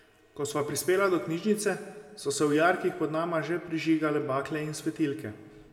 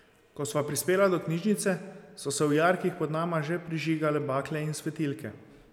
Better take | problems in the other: second | room echo; dies away in 1.1 s

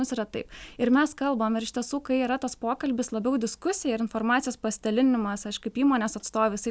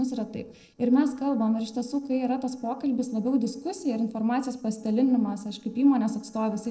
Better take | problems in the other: first | noise reduction (neural separator model SepFormer DNS4)

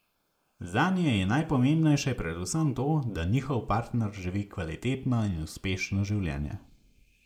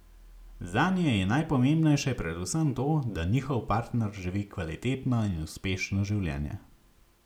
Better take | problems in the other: second | noise reduction (neural mask model Resemble Enhance denoiser)

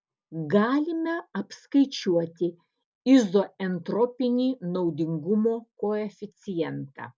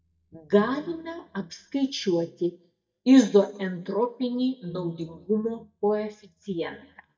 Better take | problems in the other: first | noise reduction (neural mask model DeepFilterNet 3)

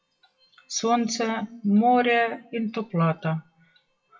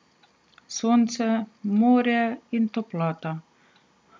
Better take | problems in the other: second | noise reduction (classical method WPE with log-MMSE)

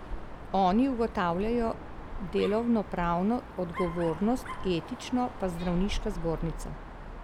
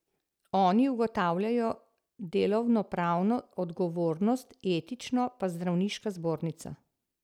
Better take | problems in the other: second | background sound (Dog); 8 dB below the speech

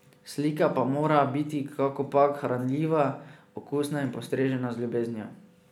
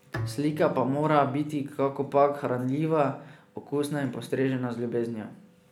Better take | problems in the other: first | background sound (Bowed string instrument); 16 dB below the speech

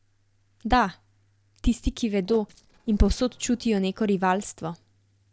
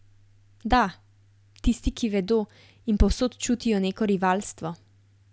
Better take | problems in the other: second | noise reduction (neural separator model SepFormer DNS4)

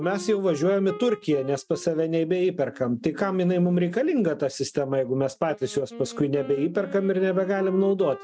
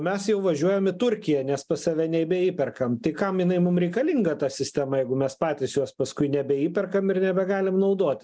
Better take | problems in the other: second | noise reduction (neural mask model RNNoise)

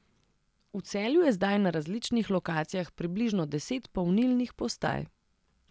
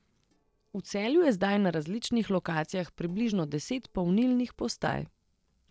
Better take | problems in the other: first | noise reduction (neural separator model SepFormer DNS4)

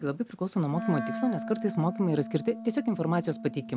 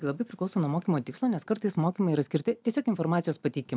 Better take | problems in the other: second | background sound (Wind instrument, woodwind instrument); 9 dB below the speech

